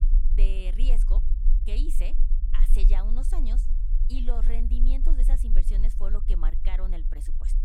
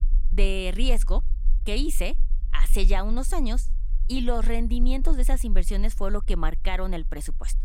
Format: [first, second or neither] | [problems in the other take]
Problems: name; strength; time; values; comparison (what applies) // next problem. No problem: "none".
second | low rumble; loud; throughout; 9 dB below the speech; faint in the second